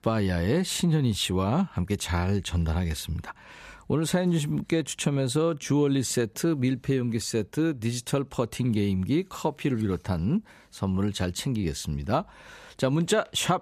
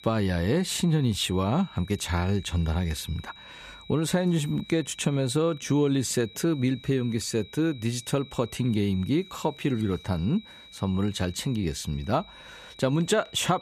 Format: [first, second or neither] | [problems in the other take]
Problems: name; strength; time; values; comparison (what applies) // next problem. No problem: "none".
first | high-pitched whine; noticeable; throughout; 4 kHz, 20 dB below the speech